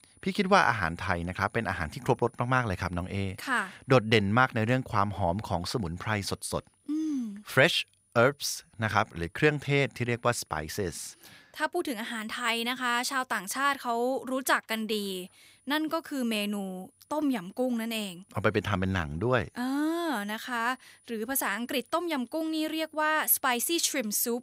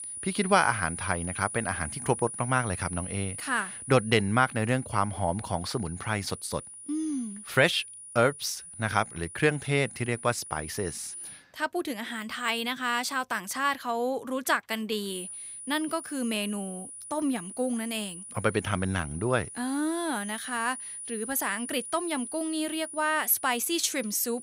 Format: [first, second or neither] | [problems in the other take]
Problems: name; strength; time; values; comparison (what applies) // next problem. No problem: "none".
first | high-pitched whine; loud; until 11 s and from 15 s on; 9.5 kHz, 10 dB below the speech; faint in the first